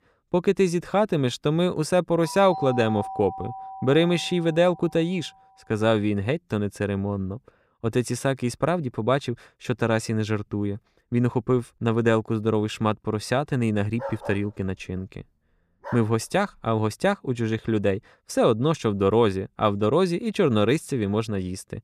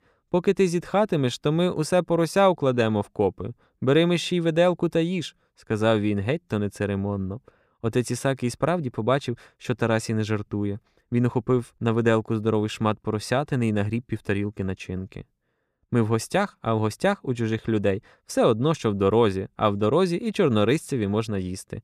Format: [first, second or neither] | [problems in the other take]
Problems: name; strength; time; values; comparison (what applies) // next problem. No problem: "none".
second | doorbell; noticeable; from 2 to 5 s; peak 8 dB below the speech // dog barking; faint; from 14 to 16 s; peak 10 dB below the speech